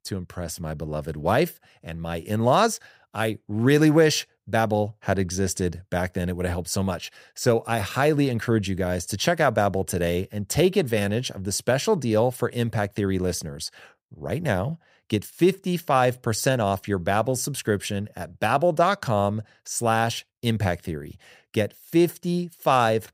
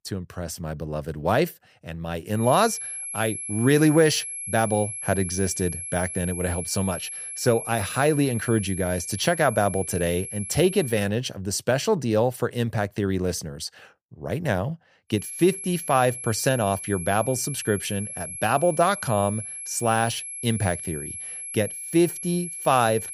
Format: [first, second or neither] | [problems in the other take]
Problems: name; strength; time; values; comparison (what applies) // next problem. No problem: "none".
first | high-pitched whine; loud; from 2.5 to 11 s and from 15 s on; 11 kHz, 8 dB below the speech